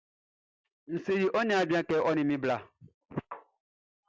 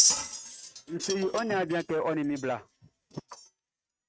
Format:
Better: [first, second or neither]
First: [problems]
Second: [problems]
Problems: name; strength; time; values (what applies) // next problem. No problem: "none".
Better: first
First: none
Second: noise reduction (neural mask model RNNoise)